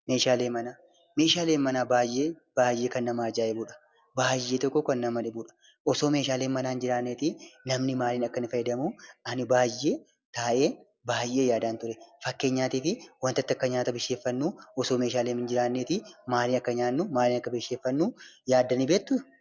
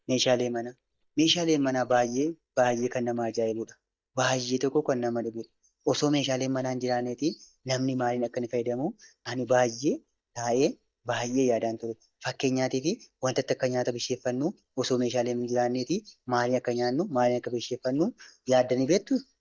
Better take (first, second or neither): first